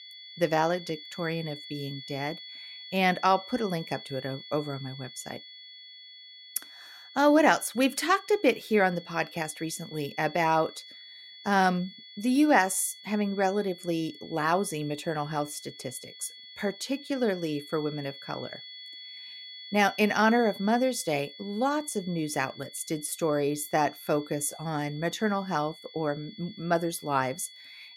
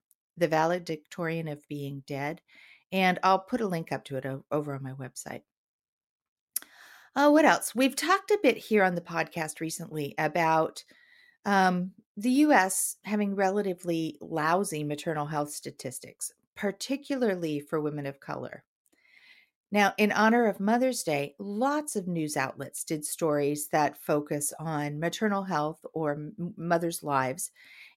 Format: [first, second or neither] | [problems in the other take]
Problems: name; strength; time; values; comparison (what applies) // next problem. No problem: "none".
second | high-pitched whine; noticeable; throughout; 3.5 kHz, 15 dB below the speech